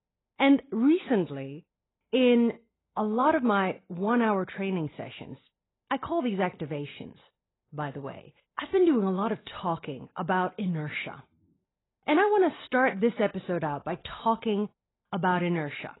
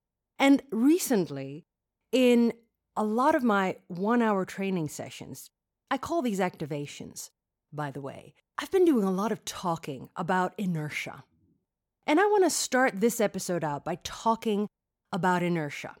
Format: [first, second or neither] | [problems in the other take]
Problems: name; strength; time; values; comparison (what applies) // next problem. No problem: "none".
second | garbled, watery; badly; nothing above 4 kHz